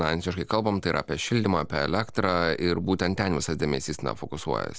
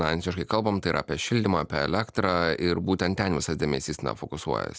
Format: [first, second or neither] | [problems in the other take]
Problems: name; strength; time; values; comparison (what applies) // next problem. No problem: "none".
second | background sound (Mechanisms / Bicycle); 17 dB below the speech